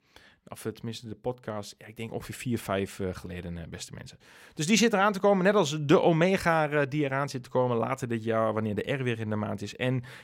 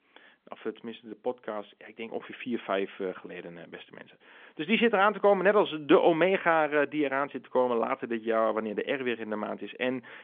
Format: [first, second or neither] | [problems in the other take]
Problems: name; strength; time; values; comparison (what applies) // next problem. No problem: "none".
first | phone-call audio; nothing above 3.5 kHz